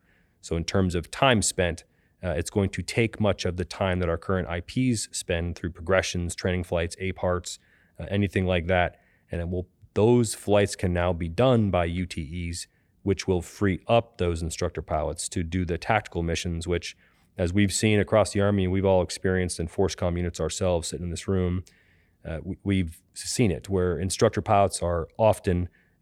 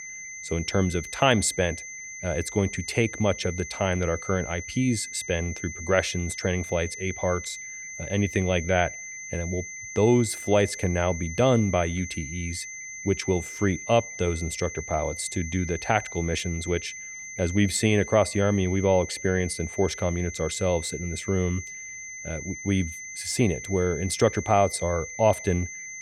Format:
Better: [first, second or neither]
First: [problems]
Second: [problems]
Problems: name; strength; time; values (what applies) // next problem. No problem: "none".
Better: first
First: none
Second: high-pitched whine; loud; throughout; 2 kHz, 10 dB below the speech